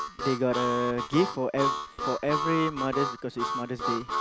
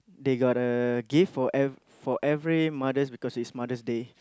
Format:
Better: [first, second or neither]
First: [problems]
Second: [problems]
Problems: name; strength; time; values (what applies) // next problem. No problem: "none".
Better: second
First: background sound (Harmonica); 2 dB below the speech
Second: none